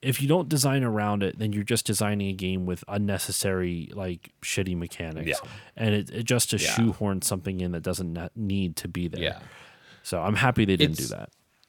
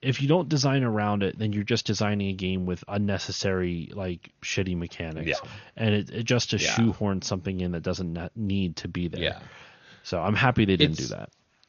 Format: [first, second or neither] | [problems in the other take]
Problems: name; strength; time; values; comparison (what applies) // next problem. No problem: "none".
first | garbled, watery; slightly; nothing above 6.5 kHz